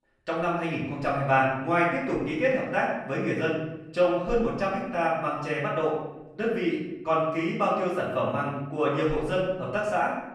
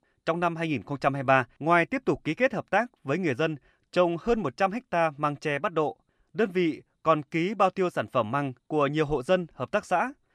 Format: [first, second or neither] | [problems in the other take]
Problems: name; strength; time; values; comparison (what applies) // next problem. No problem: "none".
second | room echo; noticeable; dies away in 0.8 s // off-mic speech; far